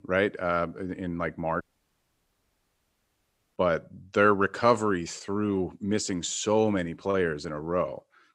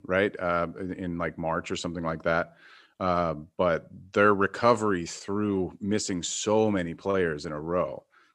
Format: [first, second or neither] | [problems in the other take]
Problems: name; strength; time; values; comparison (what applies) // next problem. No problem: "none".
second | audio cutting out; at 1.5 s for 2 s